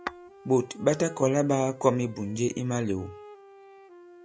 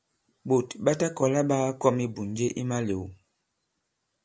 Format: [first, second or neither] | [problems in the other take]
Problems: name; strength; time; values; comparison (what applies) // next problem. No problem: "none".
second | background sound (Tap / Glass + Wind instrument, woodwind instrument); 18 dB below the speech